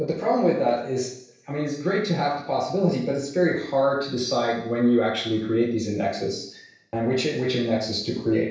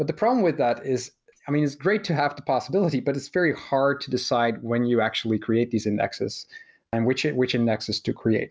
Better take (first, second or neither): second